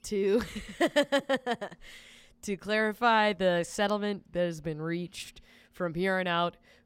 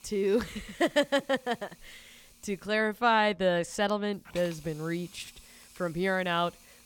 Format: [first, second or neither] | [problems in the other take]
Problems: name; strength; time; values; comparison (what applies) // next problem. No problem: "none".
first | hiss; faint; until 2.5 s and from 4 s on; 25 dB below the speech